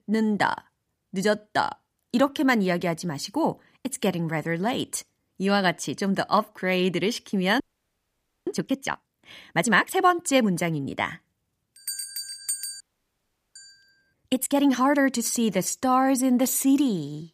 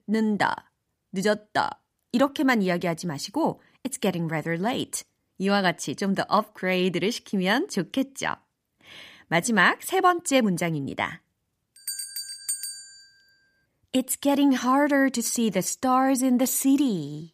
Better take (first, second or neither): second